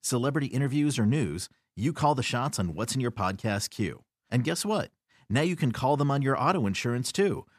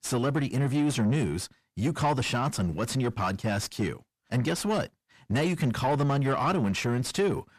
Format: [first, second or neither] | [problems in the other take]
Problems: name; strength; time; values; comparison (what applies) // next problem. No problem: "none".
first | distortion; slight; 10 dB below the speech